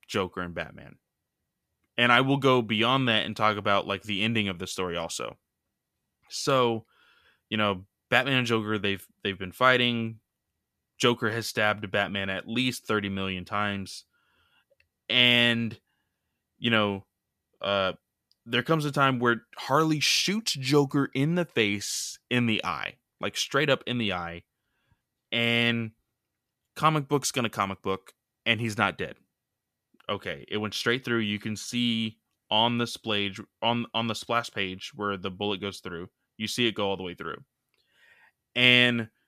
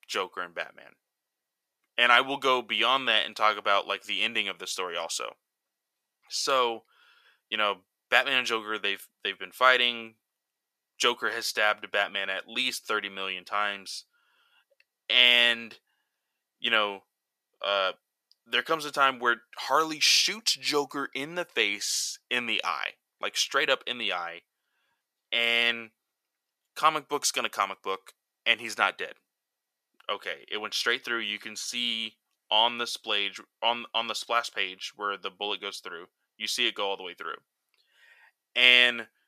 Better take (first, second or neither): first